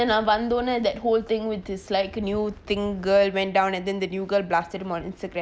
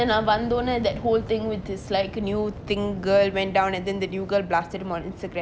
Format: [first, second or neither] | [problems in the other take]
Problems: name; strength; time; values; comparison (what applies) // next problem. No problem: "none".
first | background sound (Waves, surf); 13 dB below the speech